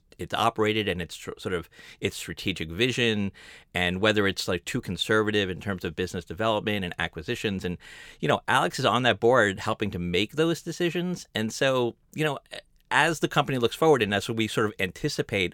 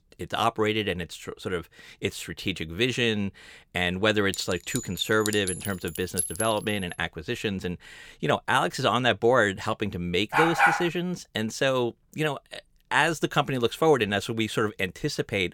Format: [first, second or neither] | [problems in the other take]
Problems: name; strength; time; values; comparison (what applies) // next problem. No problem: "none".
first | clattering dishes; noticeable; from 4.5 to 6.5 s; peak 2 dB below the speech // dog barking; loud; at 10 s; peak 6 dB above the speech